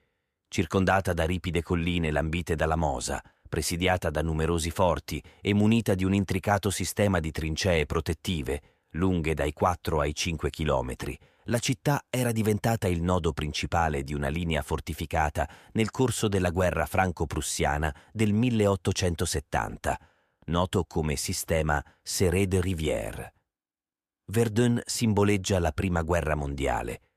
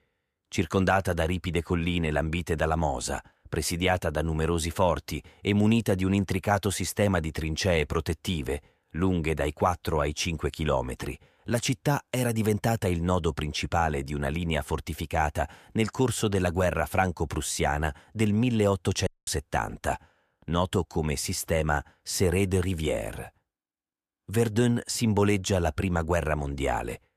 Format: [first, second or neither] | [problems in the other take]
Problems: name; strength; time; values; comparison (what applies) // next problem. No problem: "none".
first | audio cutting out; at 19 s